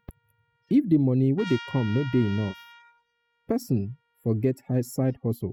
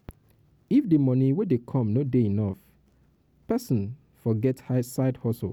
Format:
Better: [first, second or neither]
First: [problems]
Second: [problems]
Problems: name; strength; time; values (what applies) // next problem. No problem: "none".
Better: second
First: noise reduction (classical method spectral subtraction)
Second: none